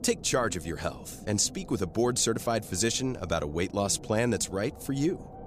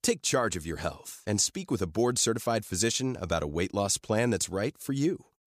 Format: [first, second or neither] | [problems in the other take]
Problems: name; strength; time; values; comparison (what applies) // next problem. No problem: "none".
second | low rumble; noticeable; throughout; 20 dB below the speech